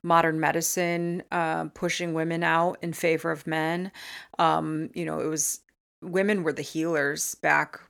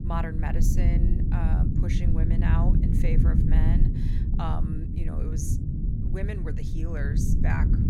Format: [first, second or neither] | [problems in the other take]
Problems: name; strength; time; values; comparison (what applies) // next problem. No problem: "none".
first | low rumble; loud; throughout; as loud as the speech